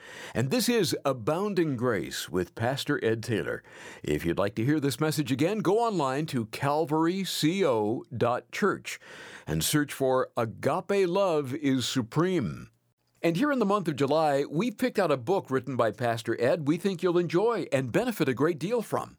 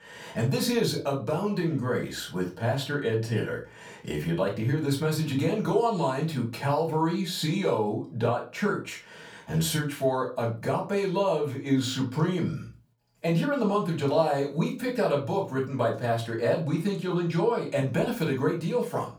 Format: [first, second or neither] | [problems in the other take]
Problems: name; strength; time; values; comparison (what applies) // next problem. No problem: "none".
first | off-mic speech; far // room echo; slight; dies away in 0.3 s